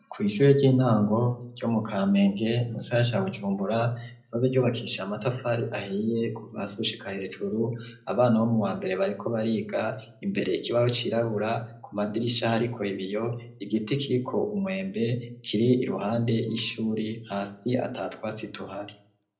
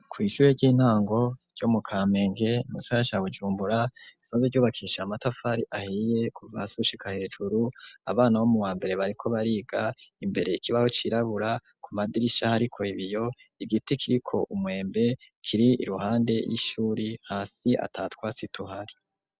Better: second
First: room echo; dies away in 0.4 s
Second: none

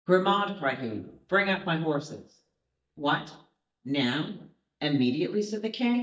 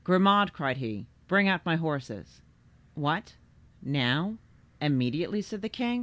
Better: second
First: noise reduction (neural mask model DeepFilterNet 3)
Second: none

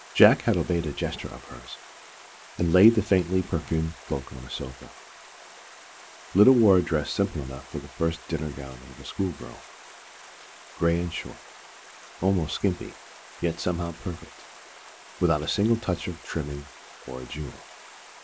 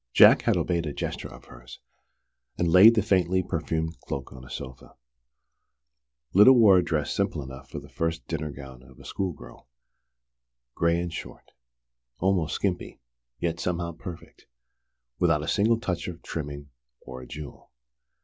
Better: second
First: background sound (Stream); 20 dB below the speech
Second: none

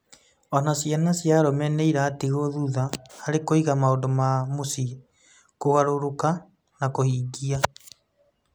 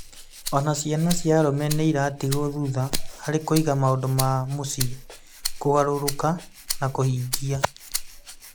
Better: first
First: none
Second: background sound (Rattle (instrument)); 8 dB below the speech

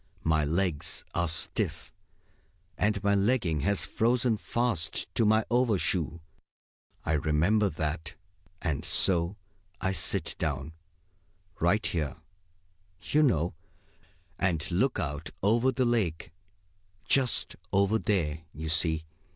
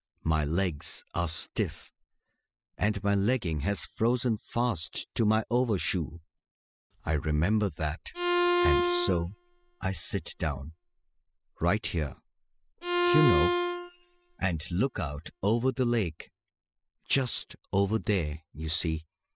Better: first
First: none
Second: noise reduction (classical method spectral subtraction)

